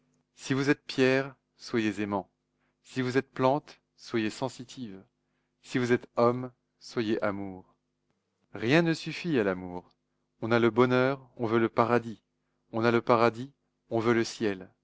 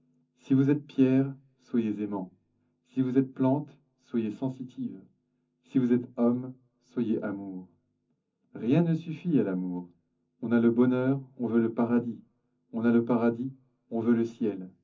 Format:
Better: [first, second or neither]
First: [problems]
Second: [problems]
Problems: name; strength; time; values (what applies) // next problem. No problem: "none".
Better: first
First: none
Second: room echo; dies away in 0.3 s